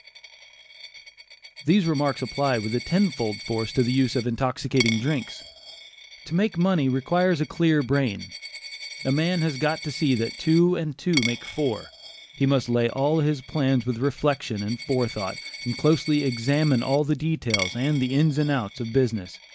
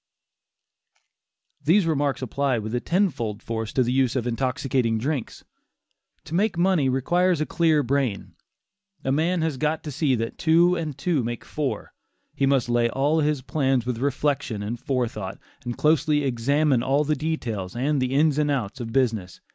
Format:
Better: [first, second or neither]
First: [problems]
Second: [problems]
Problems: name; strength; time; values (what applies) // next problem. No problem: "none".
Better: second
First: background sound (Coin (dropping)); 13 dB below the speech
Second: none